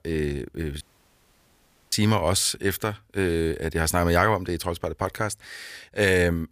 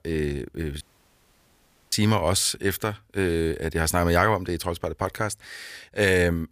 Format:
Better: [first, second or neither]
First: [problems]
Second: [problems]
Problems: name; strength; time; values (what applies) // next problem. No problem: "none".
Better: neither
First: audio cutting out; at 1 s for 1 s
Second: audio cutting out; at 1 s for 1 s